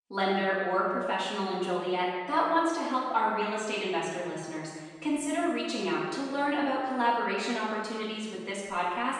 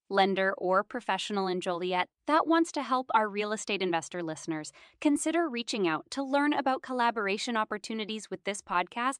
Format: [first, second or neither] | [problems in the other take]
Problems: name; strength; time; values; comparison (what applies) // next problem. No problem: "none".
second | room echo; strong; dies away in 1.3 s // off-mic speech; far